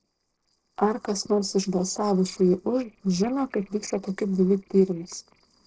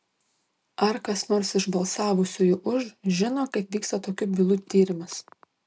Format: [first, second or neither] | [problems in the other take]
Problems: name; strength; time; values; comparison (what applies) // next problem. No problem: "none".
second | noise reduction (neural separator model SepFormer DNS4)